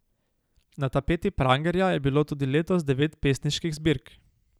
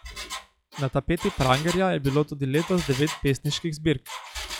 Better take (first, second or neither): first